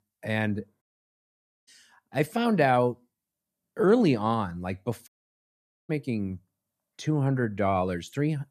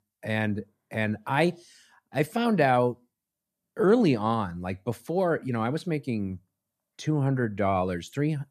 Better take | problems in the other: second | audio cutting out; at 1 s for 1 s and at 5 s for 1 s

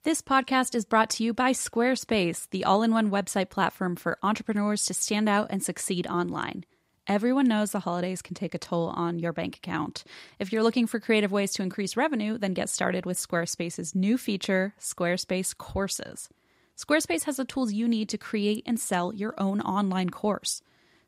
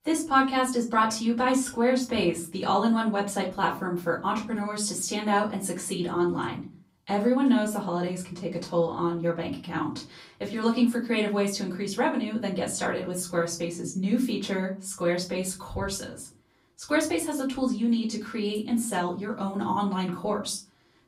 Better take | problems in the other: first | off-mic speech; far // room echo; very slight; dies away in 0.3 s

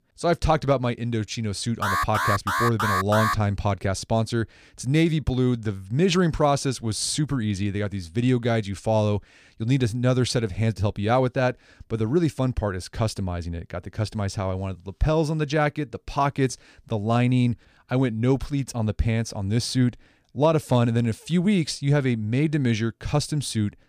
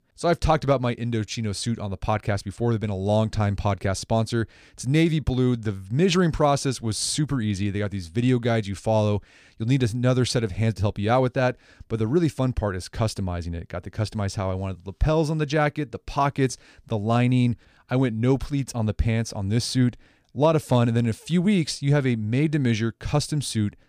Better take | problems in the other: second | alarm; loud; from 2 to 3.5 s; peak 1 dB above the speech

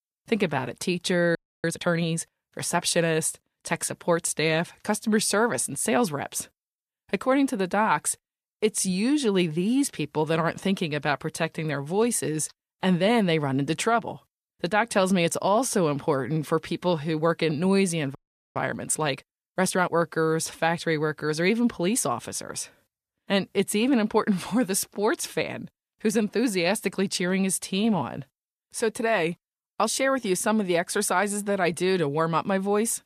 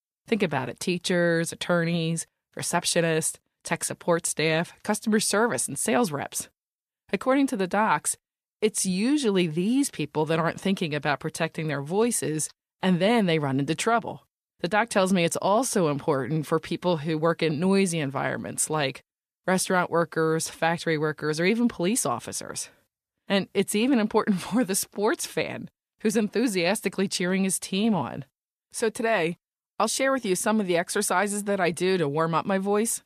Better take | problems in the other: second | audio freezing; at 1.5 s and at 18 s

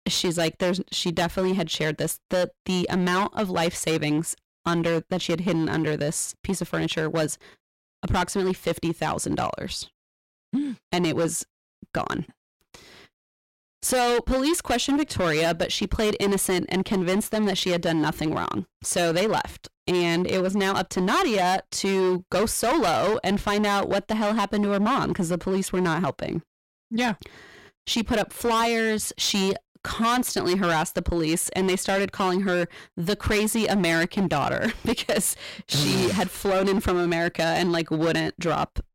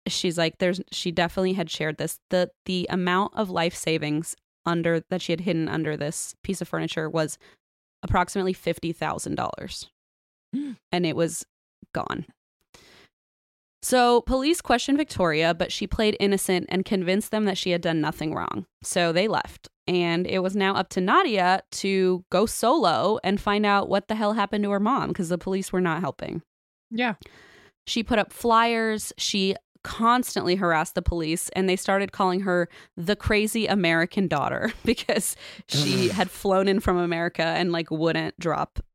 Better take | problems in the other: second | distortion; heavy; 15% of the sound clipped

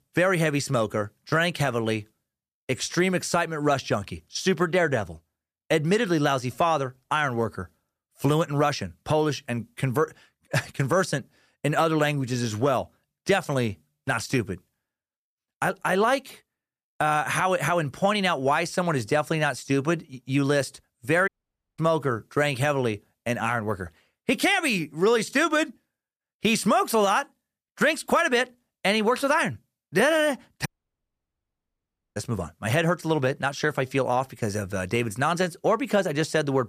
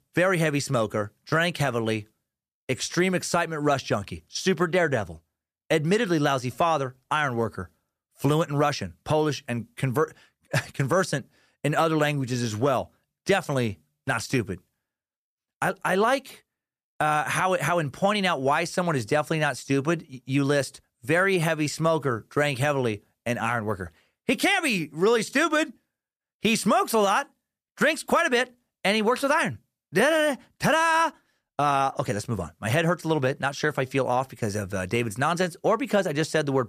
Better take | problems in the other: second | audio cutting out; at 21 s for 0.5 s and at 31 s for 1.5 s

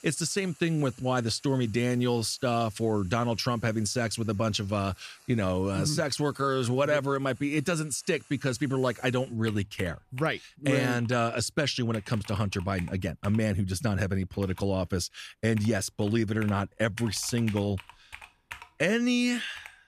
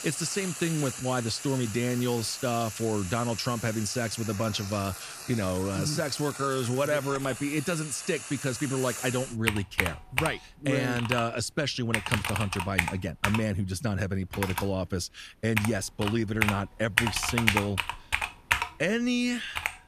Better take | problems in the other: first | household noises; loud; throughout; 3 dB below the speech; faint in the first

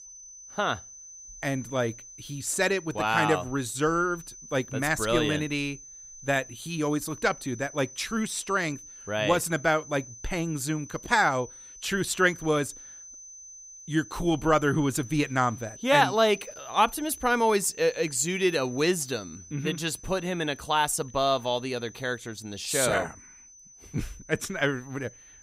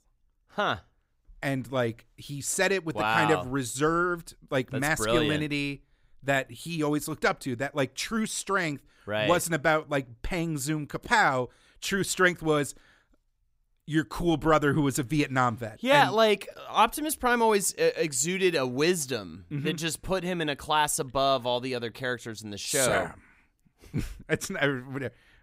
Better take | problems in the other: second | high-pitched whine; noticeable; throughout; 6 kHz, 15 dB below the speech

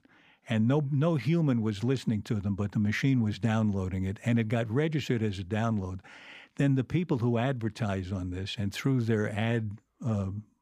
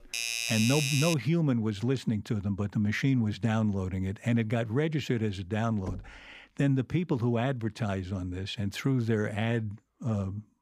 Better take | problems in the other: first | doorbell; loud; until 1 s; peak 1 dB above the speech // door banging; faint; at 6 s; peak 15 dB below the speech

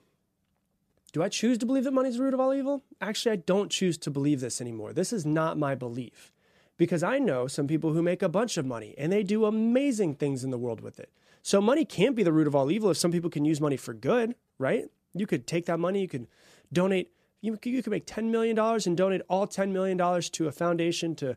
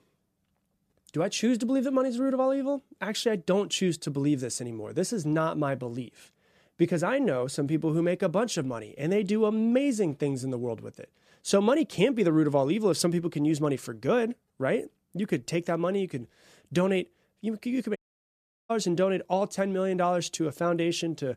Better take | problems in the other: first | audio cutting out; at 18 s for 0.5 s

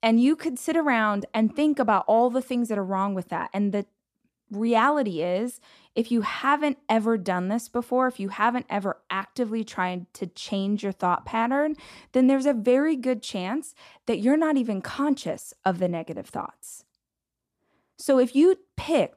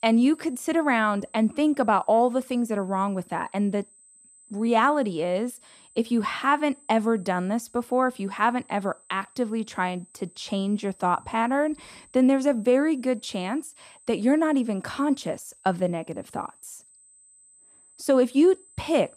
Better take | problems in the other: first | high-pitched whine; faint; throughout; 8 kHz, 25 dB below the speech

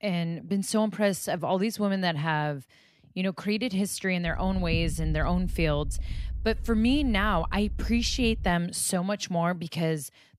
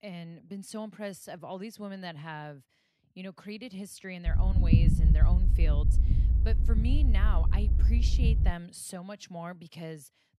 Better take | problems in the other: first | low rumble; loud; from 4.5 to 8.5 s; 1 dB below the speech; faint in the first

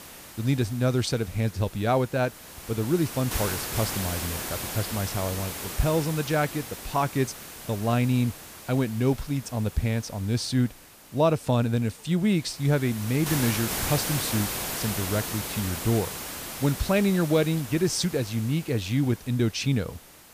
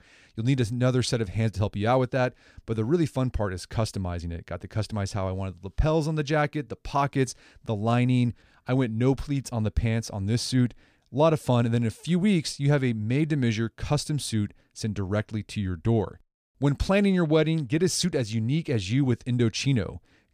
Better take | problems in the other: second | hiss; loud; throughout; 6 dB below the speech

